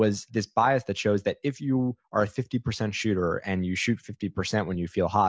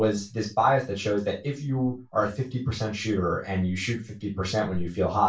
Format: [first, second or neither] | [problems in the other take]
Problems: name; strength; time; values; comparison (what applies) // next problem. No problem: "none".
first | room echo; dies away in 0.2 s